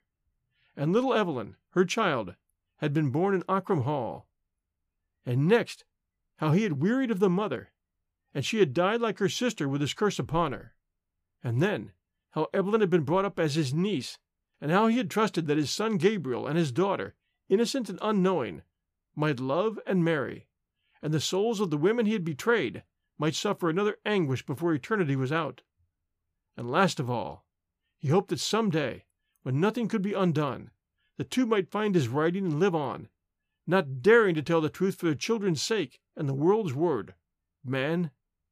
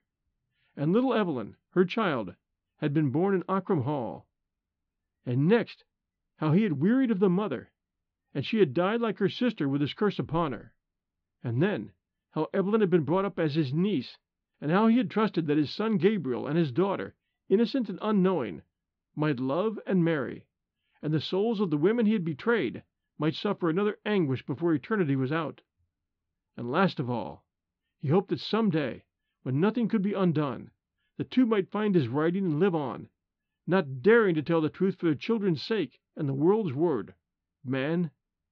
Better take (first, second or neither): first